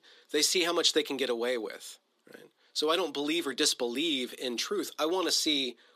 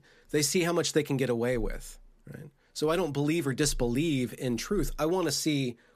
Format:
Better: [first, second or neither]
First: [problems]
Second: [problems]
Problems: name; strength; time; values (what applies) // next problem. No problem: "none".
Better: second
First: thin; somewhat; fading below 300 Hz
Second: none